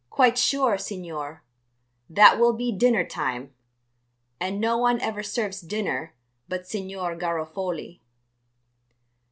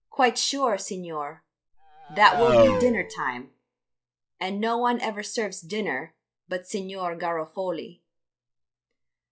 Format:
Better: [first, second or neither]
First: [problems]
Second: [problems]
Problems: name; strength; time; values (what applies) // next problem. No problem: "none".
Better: first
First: none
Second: noise reduction (classical method log-MMSE)